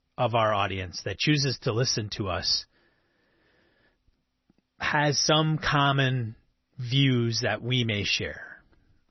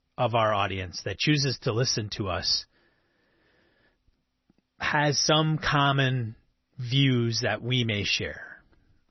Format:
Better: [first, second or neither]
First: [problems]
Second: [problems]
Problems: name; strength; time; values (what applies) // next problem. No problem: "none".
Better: neither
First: garbled, watery; slightly; nothing above 6 kHz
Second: garbled, watery; slightly; nothing above 6 kHz